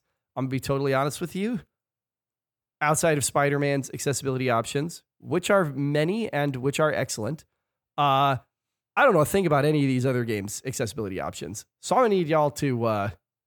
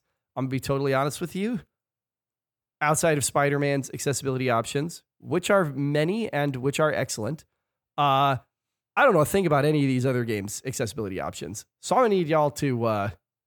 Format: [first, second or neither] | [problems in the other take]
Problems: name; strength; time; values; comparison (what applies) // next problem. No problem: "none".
neither | none